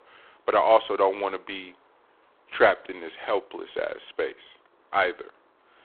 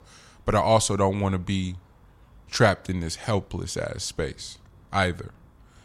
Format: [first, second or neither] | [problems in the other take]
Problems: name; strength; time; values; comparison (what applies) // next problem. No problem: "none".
second | phone-call audio; poor line